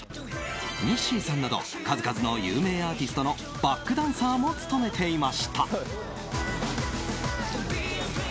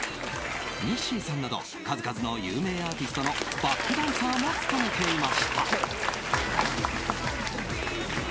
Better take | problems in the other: first | background sound (Applause / Crowd); as loud as the speech

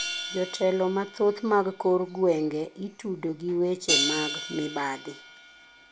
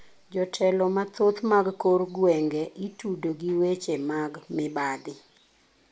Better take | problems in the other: second | background sound (Hi-hat); 7 dB below the speech

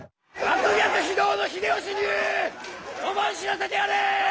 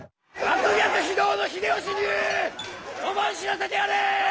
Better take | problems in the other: first | background sound (Guitar); 17 dB below the speech

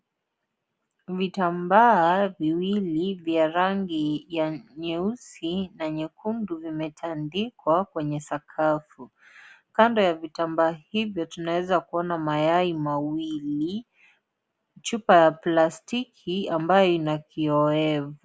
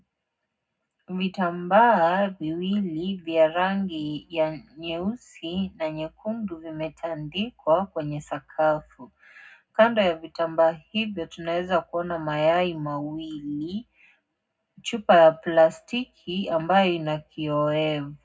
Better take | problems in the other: first | room echo; dies away in 0.3 s

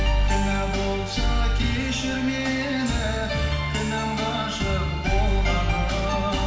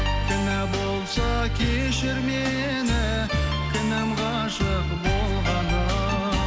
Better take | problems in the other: second | room echo; dies away in 1 s

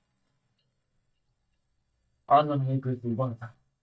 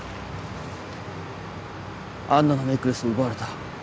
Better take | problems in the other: second | noise reduction (neural mask model DeepFilterNet 3)

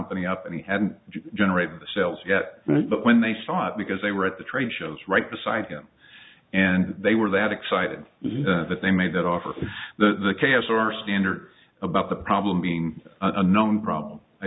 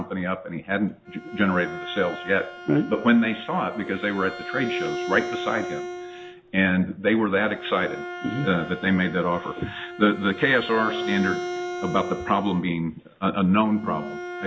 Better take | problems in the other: first | background sound (Bowed string instrument); 10 dB below the speech

